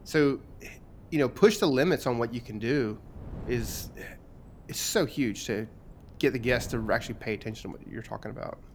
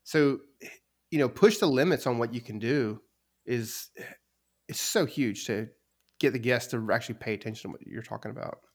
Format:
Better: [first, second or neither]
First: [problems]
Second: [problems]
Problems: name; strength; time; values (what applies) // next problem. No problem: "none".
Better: second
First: wind noise on the microphone; occasional gusts; 25 dB below the speech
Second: none